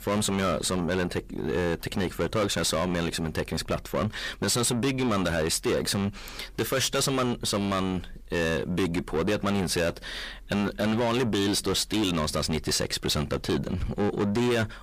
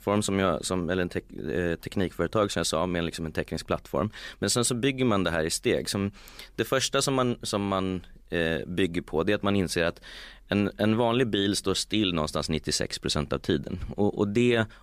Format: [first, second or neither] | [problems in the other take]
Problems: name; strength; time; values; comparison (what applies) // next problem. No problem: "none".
second | distortion; heavy; 6 dB below the speech